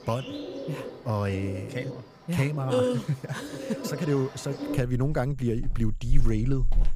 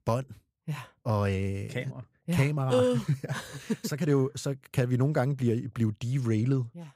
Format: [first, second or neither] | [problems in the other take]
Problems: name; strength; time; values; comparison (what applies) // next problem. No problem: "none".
second | animal sounds; loud; throughout; 8 dB below the speech